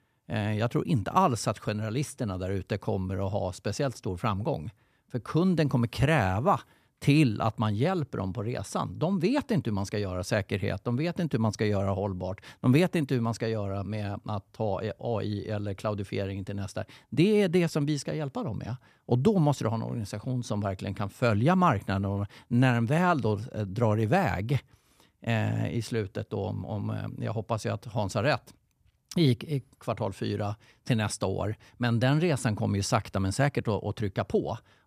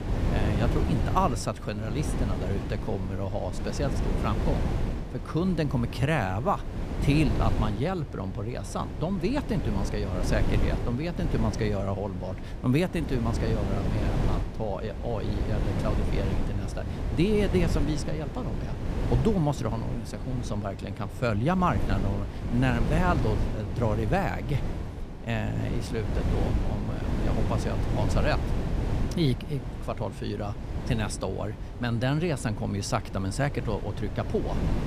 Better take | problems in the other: first | wind noise on the microphone; heavy; 6 dB below the speech

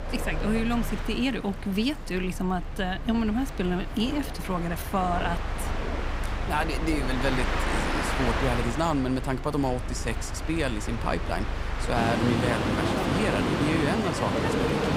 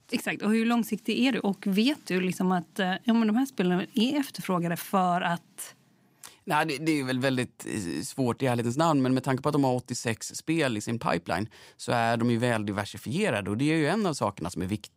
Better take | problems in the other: second | train or aircraft noise; loud; throughout; 1 dB below the speech

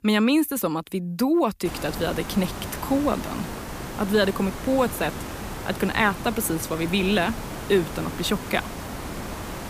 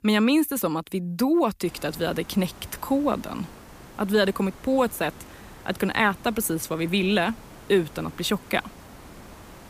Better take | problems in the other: second | hiss; loud; from 1.5 s on; 9 dB below the speech; faint in the second

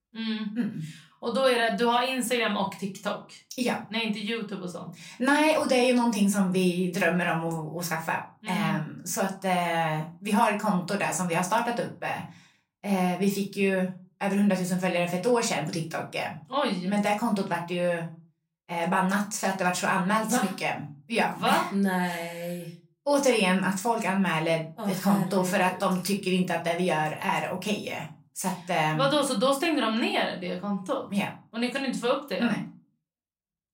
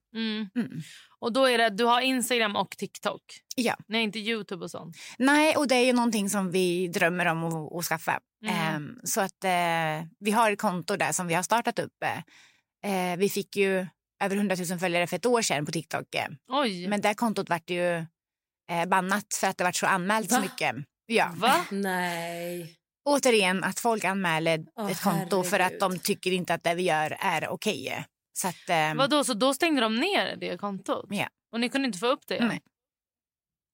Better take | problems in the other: second | off-mic speech; far // room echo; very slight; dies away in 0.3 s

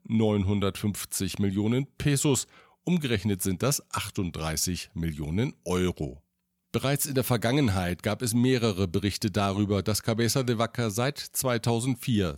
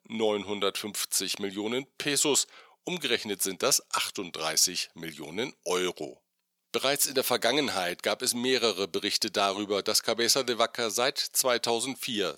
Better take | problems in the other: first | thin; somewhat; fading below 450 Hz

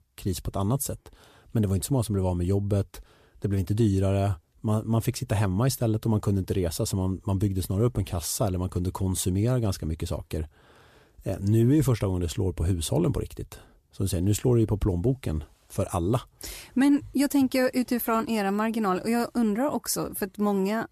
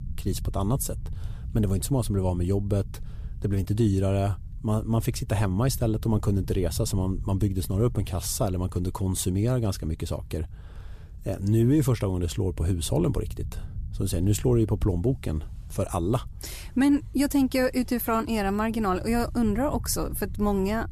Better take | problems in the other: first | low rumble; faint; throughout; 25 dB below the speech

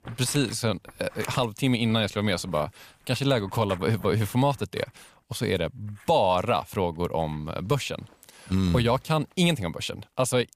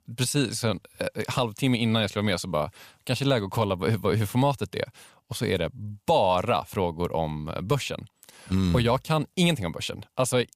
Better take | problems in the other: second | household noises; faint; throughout; 20 dB below the speech

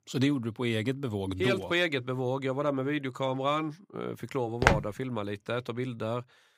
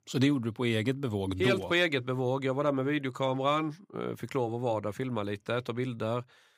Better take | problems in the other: second | footsteps; loud; at 4.5 s; peak 5 dB above the speech

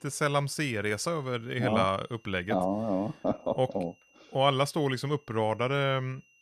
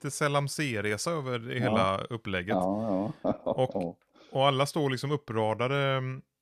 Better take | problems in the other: second | high-pitched whine; faint; throughout; 3 kHz, 35 dB below the speech

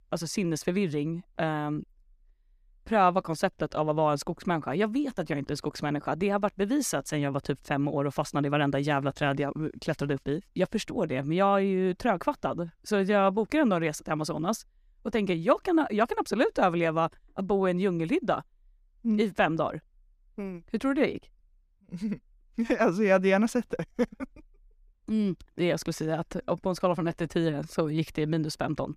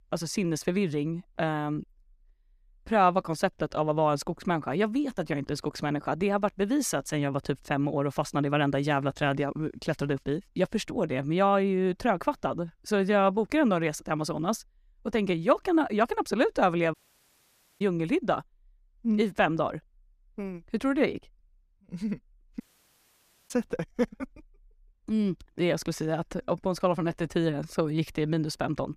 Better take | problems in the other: first | audio cutting out; at 17 s for 1 s and at 23 s for 1 s

